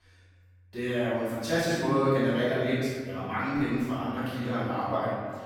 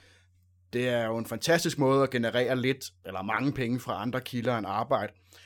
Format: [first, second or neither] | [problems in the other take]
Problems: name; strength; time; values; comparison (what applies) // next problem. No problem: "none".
second | off-mic speech; far // room echo; strong; dies away in 1.8 s